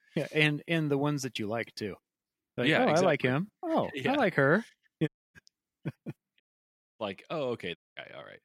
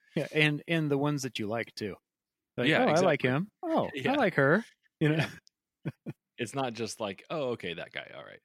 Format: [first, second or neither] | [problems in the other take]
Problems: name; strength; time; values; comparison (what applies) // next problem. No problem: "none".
second | audio cutting out; at 5 s, at 6.5 s for 0.5 s and at 8 s